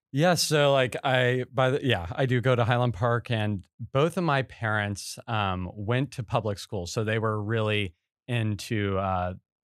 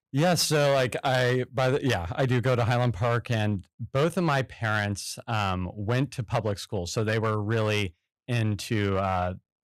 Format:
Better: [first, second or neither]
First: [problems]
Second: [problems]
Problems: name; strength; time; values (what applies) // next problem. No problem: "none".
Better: first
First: none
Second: distortion; slight; 8% of the sound clipped